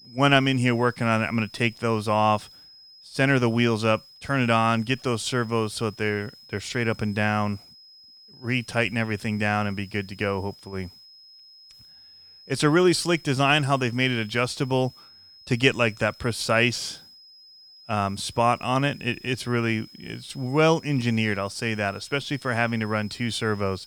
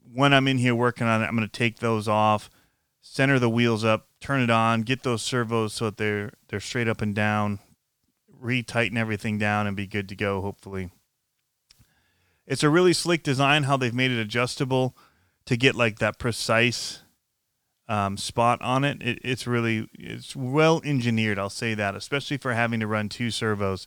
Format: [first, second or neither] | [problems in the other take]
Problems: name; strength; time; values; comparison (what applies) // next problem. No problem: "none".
second | high-pitched whine; faint; throughout; 5 kHz, 25 dB below the speech